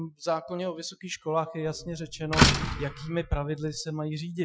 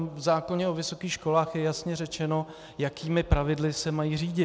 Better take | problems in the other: second | noise reduction (classical method Wiener filter)

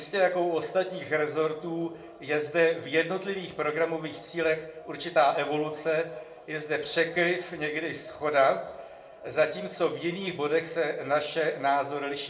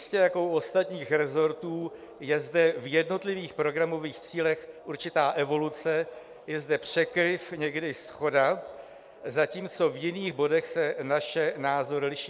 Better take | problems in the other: second | room echo; dies away in 0.5 s

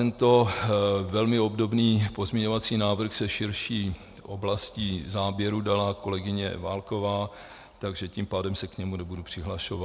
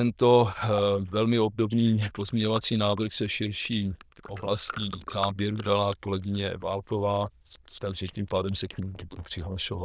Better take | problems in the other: first | noise reduction (neural diffusion model UNIVERSE++)

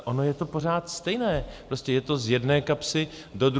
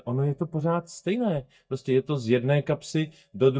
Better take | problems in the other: first | noise reduction (neural mask model DeepFilterNet 3)

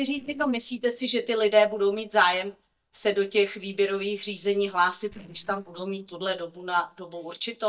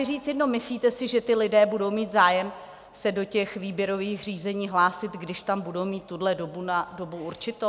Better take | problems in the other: second | noise reduction (neural mask model DeepFilterNet 3)

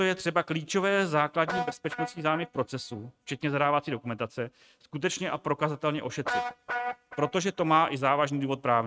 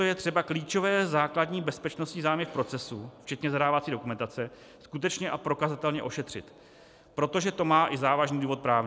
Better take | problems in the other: second | noise reduction (neural mask model RNNoise)

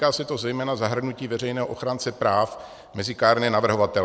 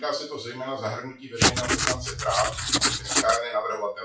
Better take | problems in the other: first | noise reduction (classical method WPE with log-MMSE)

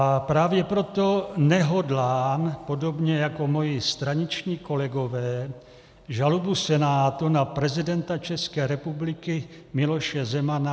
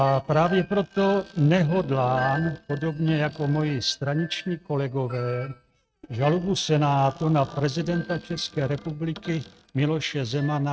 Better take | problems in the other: first | noise reduction (neural mask model RNNoise)

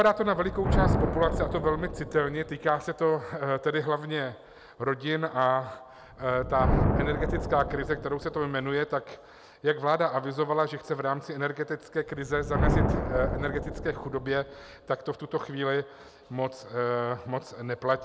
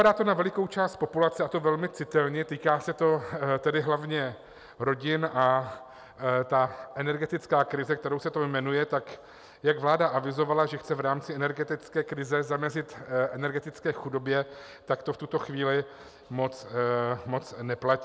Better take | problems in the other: second | background sound (Thunder); 4 dB below the speech

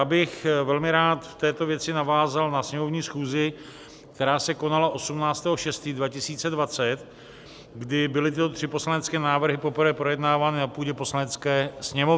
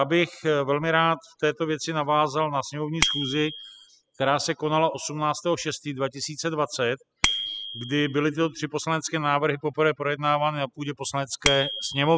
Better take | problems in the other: first | noise reduction (classical method spectral subtraction)

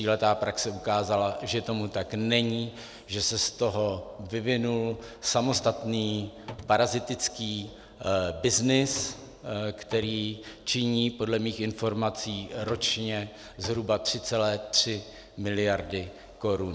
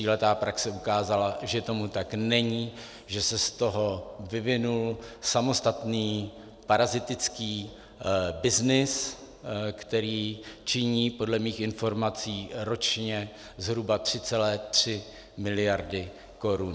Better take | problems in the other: second | background sound (Drawer open or close); 17 dB below the speech

